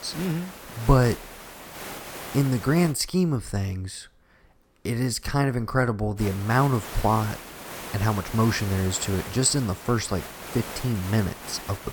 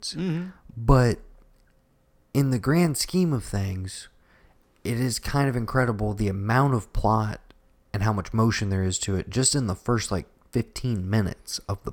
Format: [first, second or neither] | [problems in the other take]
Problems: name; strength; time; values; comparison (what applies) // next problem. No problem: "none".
second | hiss; noticeable; until 3 s and from 6 s on; 10 dB below the speech